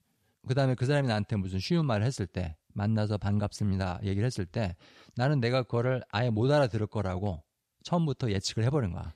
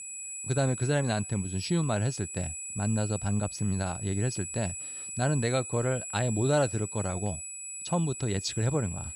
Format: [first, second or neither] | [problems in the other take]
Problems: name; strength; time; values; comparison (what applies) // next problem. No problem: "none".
first | high-pitched whine; loud; throughout; 8 kHz, 7 dB below the speech